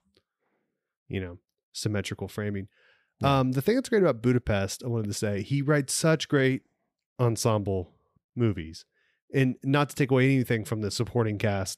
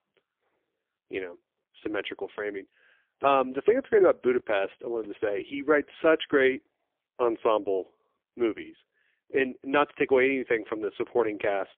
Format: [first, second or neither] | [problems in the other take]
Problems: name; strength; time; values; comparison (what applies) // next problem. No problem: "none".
first | phone-call audio; poor line; nothing above 3.5 kHz